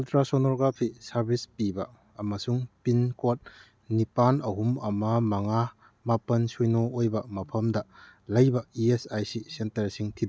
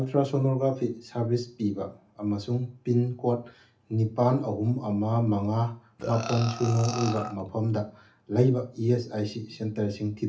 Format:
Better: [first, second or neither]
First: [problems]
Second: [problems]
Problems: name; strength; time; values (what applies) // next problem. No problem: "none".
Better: first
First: none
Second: background sound (Burping, eructation); 8 dB below the speech // room echo; dies away in 0.3 s